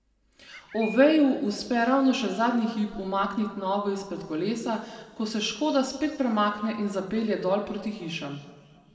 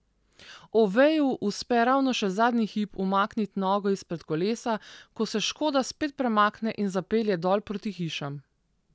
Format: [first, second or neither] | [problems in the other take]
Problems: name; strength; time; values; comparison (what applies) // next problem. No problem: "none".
second | background sound (Bird); 15 dB below the speech // room echo; dies away in 1.6 s